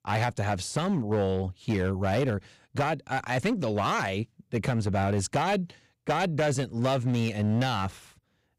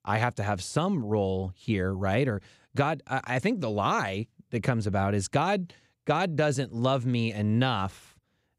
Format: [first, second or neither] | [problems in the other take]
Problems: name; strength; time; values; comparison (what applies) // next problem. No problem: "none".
second | distortion; slight; 8% of the sound clipped